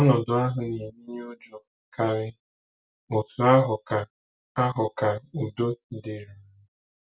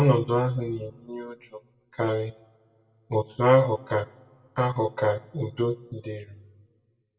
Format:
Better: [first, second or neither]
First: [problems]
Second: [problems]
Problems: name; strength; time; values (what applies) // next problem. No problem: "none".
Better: first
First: none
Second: room echo; dies away in 1.2 s